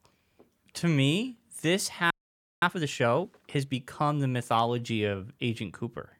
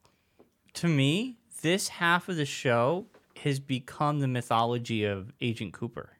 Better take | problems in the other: second | audio freezing; at 2 s for 0.5 s

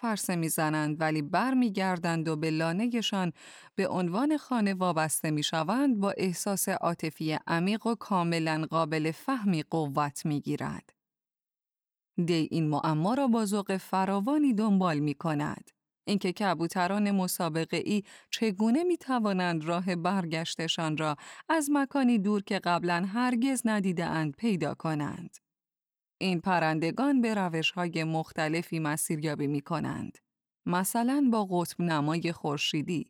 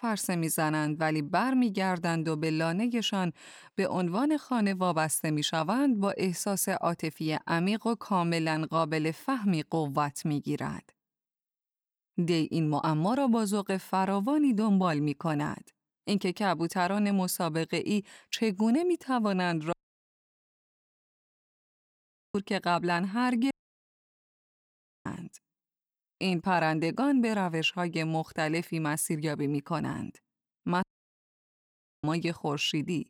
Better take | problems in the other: first | audio cutting out; at 20 s for 2.5 s, at 24 s for 1.5 s and at 31 s for 1 s

